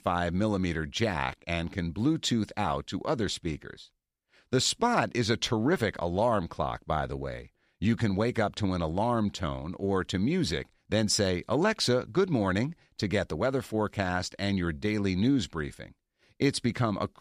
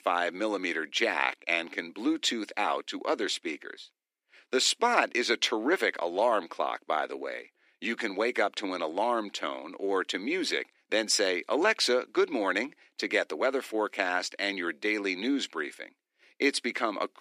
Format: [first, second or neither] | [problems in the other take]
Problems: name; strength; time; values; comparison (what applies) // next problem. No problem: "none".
first | thin; somewhat; fading below 300 Hz